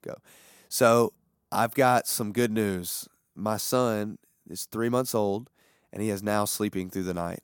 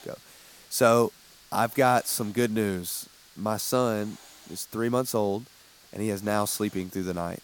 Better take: first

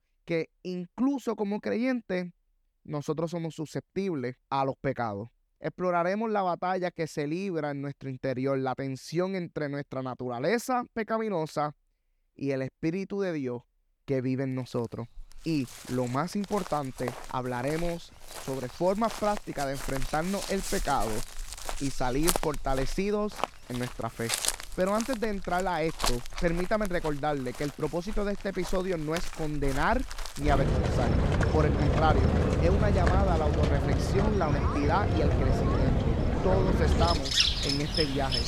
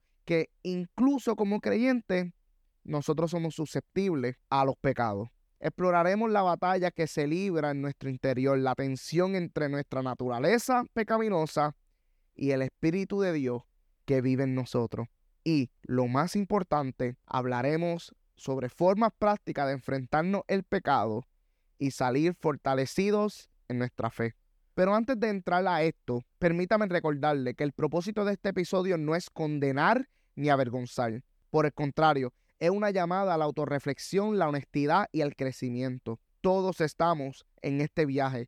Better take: second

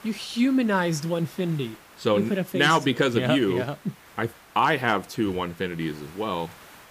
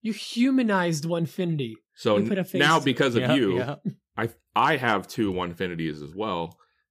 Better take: second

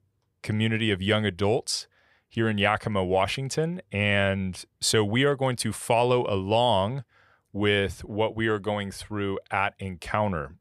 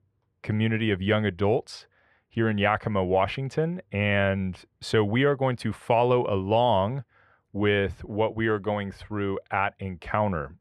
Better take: first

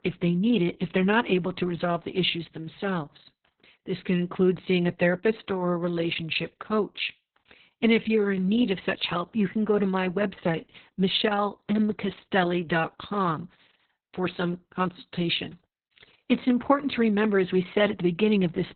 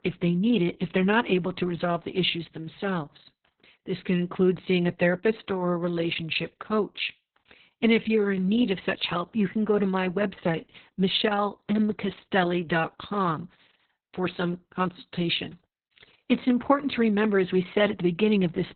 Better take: neither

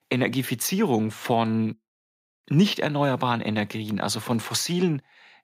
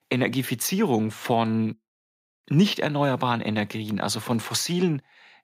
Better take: neither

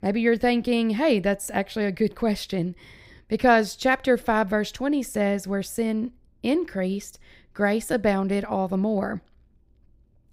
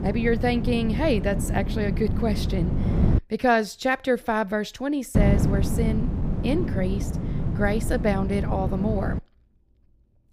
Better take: first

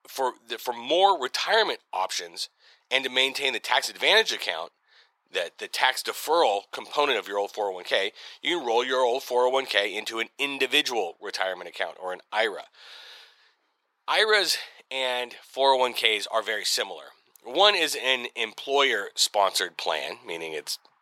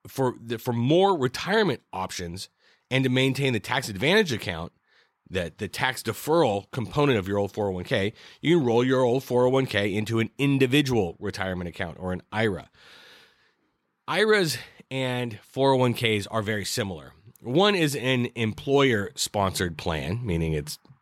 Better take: second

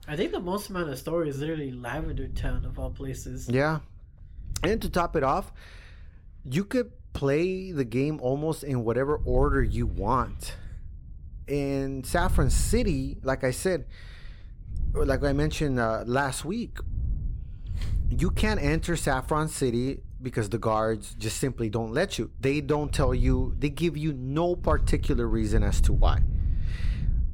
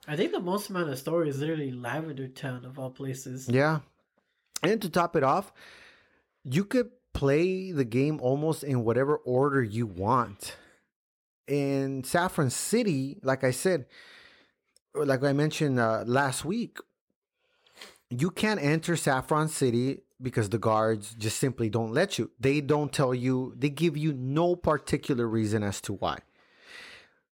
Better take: second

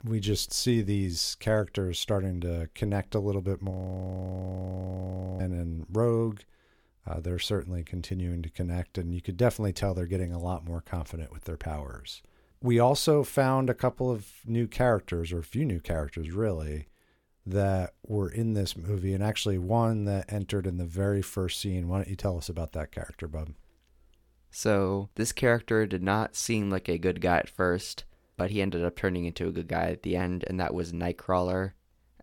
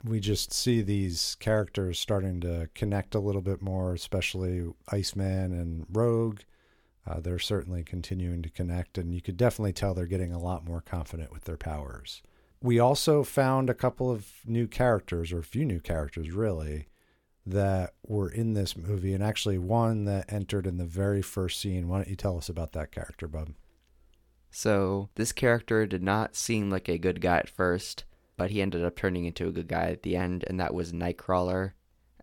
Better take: second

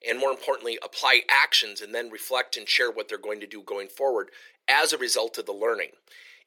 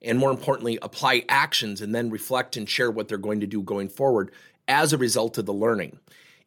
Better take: second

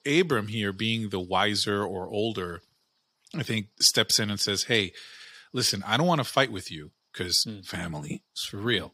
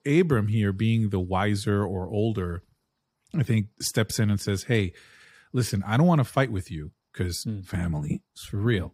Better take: second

